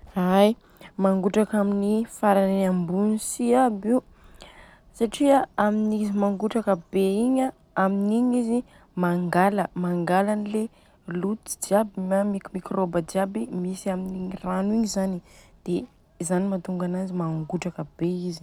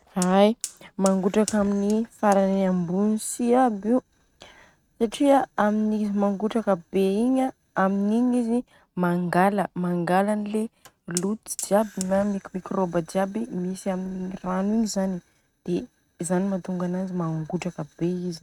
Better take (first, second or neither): first